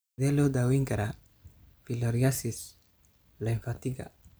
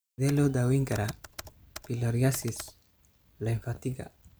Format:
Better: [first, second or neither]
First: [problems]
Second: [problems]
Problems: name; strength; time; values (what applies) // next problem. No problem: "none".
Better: first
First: none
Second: background sound (Computer keyboard); 18 dB below the speech